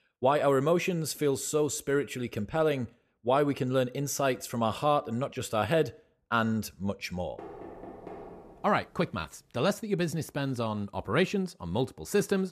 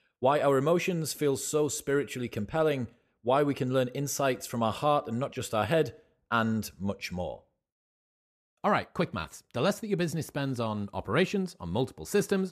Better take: second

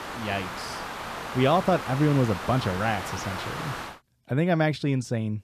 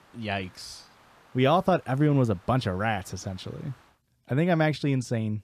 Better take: second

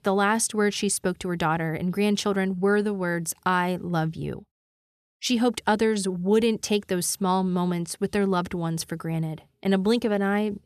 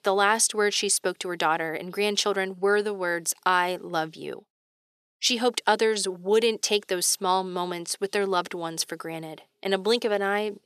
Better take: first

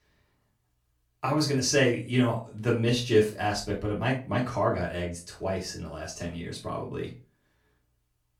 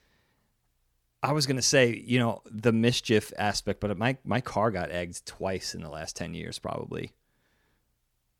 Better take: second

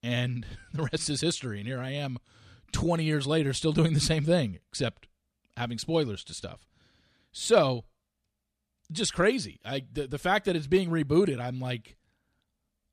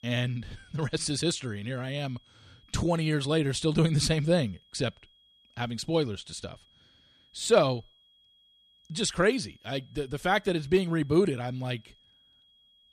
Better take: first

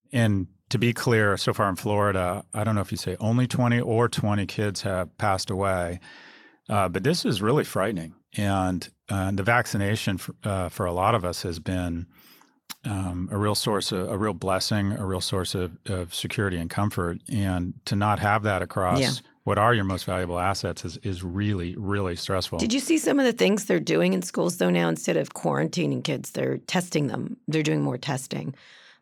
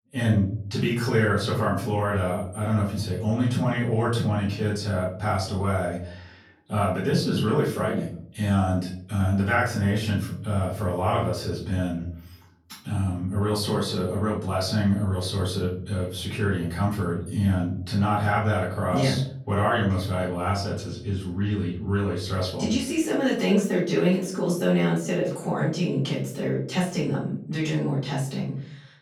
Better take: first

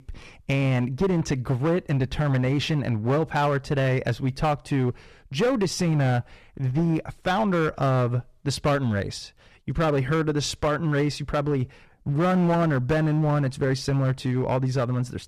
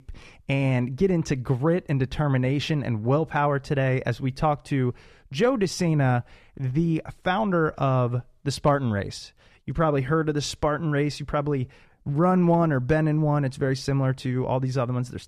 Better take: second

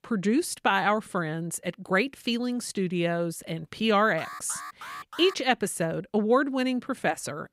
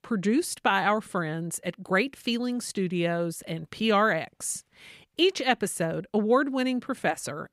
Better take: second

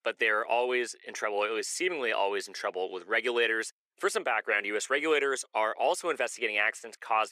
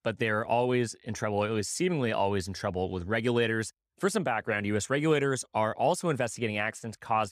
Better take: second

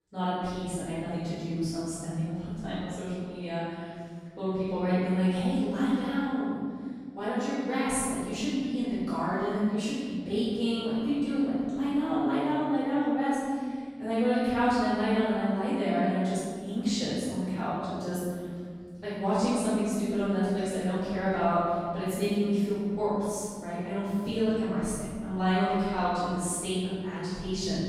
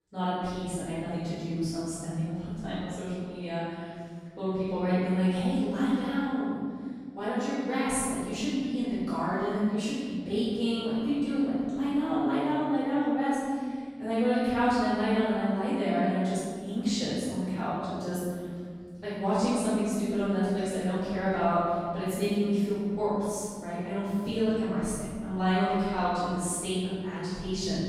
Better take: neither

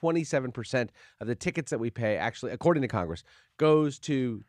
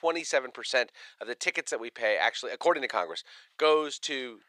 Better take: first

